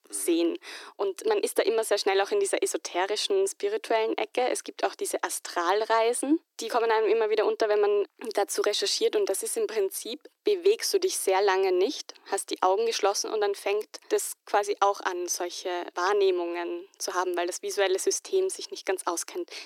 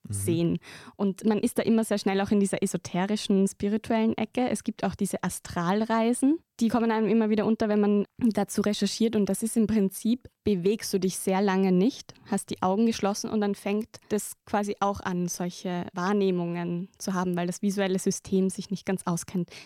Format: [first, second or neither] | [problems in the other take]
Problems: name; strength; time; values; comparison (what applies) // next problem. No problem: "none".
second | thin; very; fading below 300 Hz